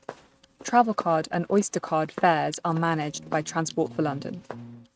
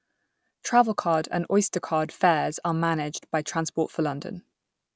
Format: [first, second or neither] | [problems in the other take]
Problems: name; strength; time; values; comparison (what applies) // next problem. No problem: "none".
second | noise reduction (neural mask model RNNoise)